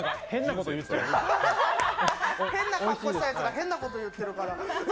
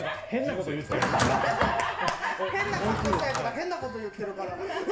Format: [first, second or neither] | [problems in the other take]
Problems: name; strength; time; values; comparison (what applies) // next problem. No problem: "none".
first | background sound (Drawer open or close); 5 dB below the speech // room echo; dies away in 0.4 s